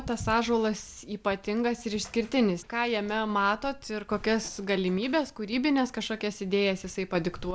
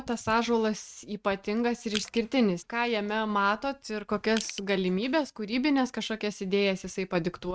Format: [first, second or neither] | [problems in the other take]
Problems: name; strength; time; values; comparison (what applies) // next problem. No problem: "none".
first | noise reduction (neural mask model RNNoise)